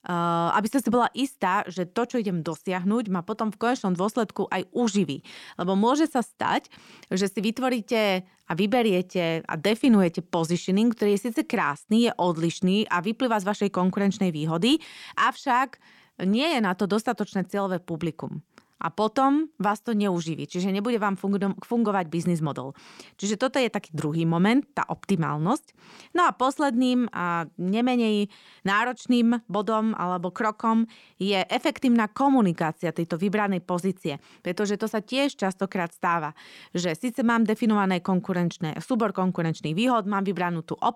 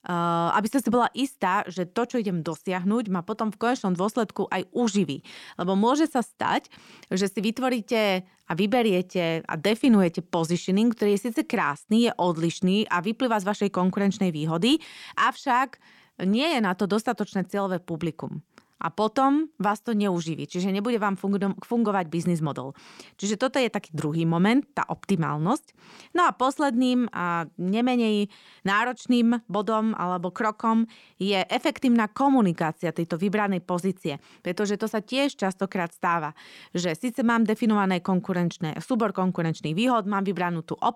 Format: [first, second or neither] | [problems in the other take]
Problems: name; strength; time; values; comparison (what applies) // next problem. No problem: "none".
neither | none